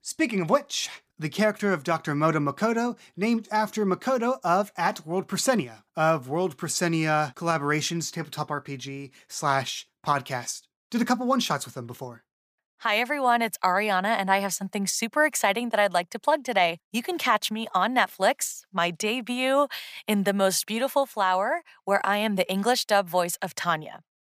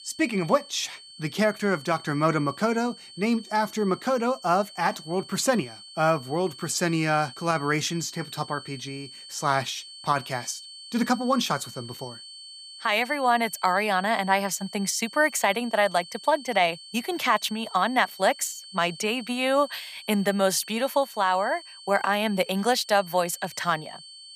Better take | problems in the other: first | high-pitched whine; noticeable; throughout; 4.5 kHz, 15 dB below the speech

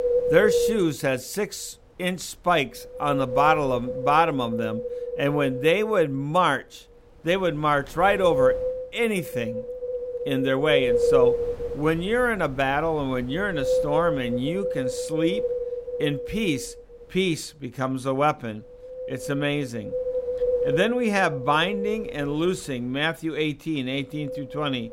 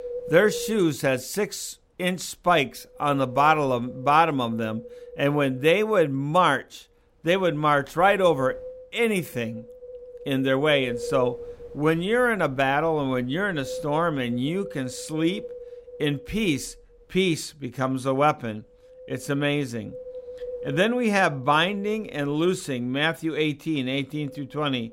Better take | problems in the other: second | wind noise on the microphone; heavy; 3 dB below the speech; occasional gusts in the second

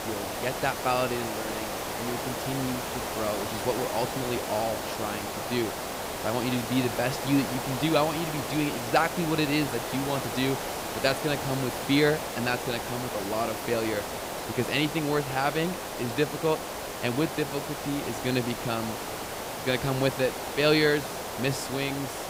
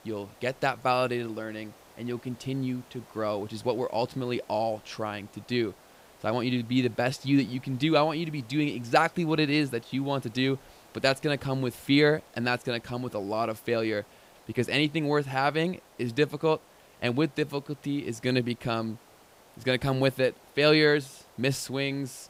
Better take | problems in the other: second | hiss; loud; throughout; 4 dB below the speech; faint in the second

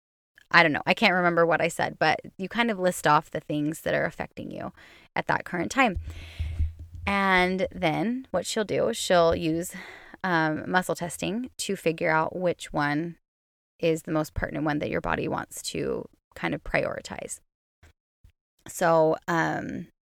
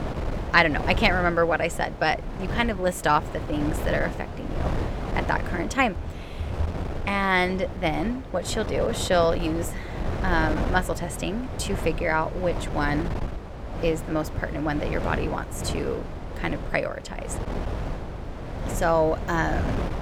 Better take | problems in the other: first | wind noise on the microphone; occasional gusts; 10 dB below the speech

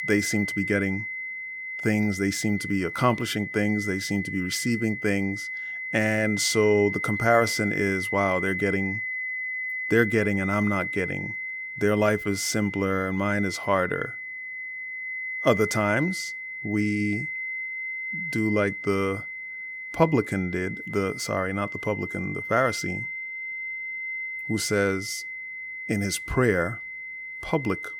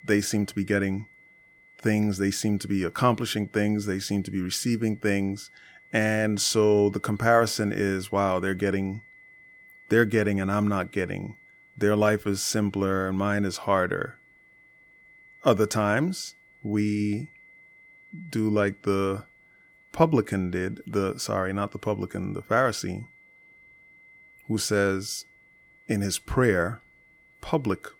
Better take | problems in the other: second | high-pitched whine; loud; throughout; 2 kHz, 5 dB below the speech; faint in the second

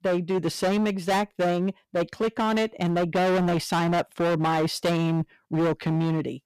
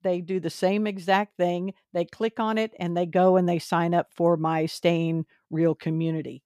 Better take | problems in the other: second | distortion; heavy; 25% of the sound clipped

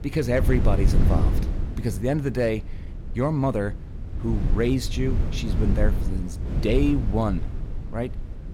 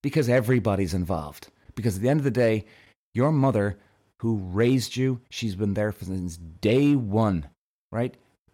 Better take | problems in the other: second | wind noise on the microphone; occasional gusts; 10 dB below the speech

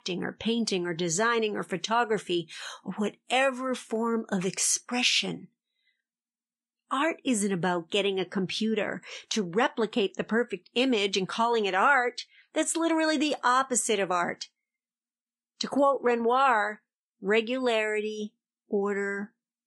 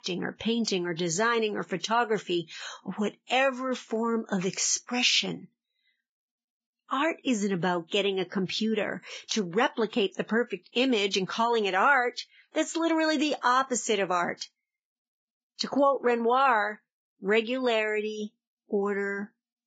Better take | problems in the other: first | garbled, watery; badly; nothing above 7.5 kHz; slightly in the first

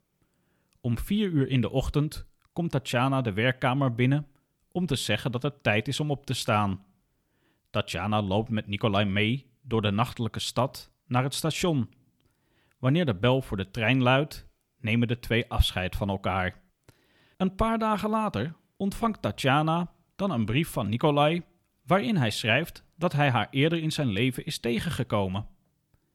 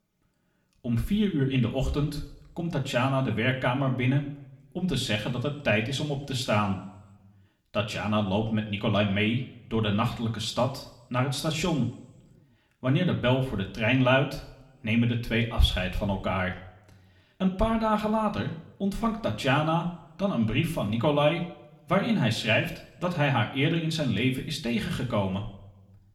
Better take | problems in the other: first | room echo; very slight; dies away in 0.6 s // off-mic speech; somewhat distant

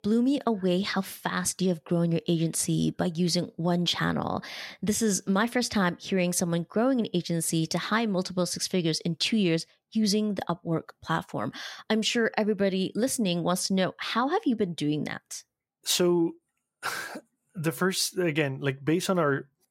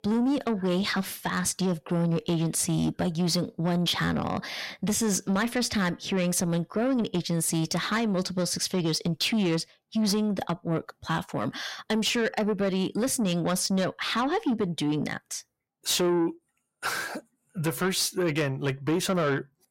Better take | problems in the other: first | distortion; slight; 10 dB below the speech

